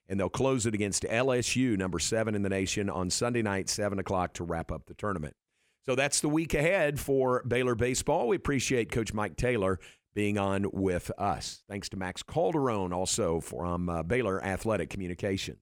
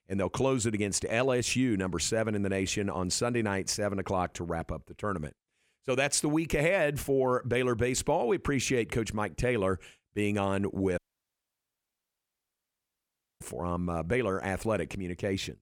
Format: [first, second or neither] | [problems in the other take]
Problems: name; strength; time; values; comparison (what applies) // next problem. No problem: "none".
first | audio cutting out; at 11 s for 2.5 s